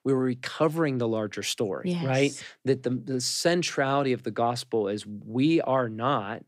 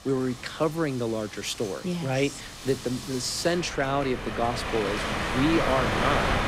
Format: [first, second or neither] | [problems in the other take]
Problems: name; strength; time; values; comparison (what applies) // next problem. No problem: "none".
first | wind in the background; loud; throughout; 2 dB below the speech